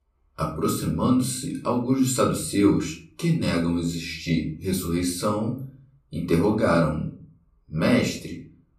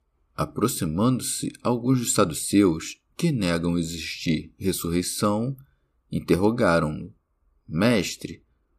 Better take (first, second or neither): second